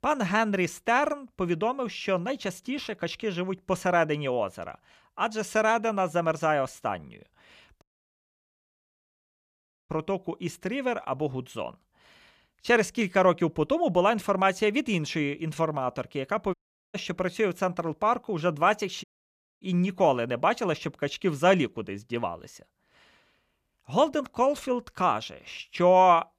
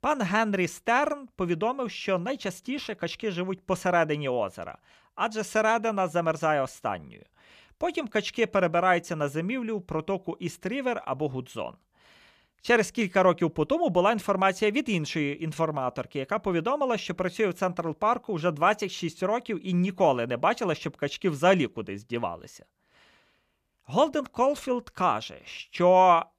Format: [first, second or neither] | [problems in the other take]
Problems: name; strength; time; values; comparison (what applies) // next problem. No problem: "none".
second | audio cutting out; at 8 s for 2 s, at 17 s and at 19 s for 0.5 s